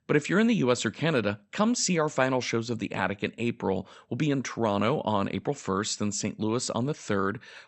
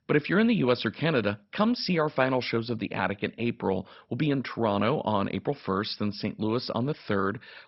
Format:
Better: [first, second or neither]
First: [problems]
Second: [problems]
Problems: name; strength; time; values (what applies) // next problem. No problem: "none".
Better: first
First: garbled, watery; slightly; nothing above 8 kHz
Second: garbled, watery; badly; nothing above 5.5 kHz